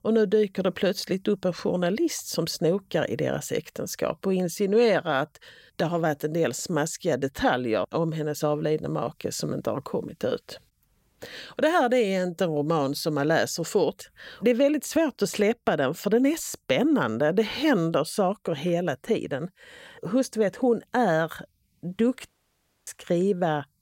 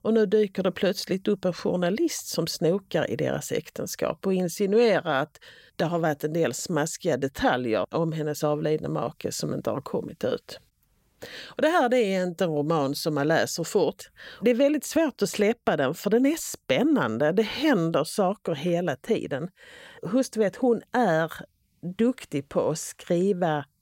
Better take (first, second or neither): second